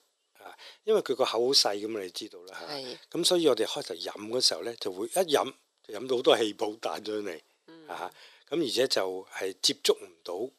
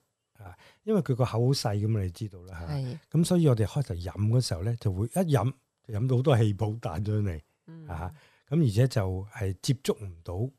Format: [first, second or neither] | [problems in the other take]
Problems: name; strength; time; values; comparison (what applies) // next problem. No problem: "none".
second | thin; very; fading below 350 Hz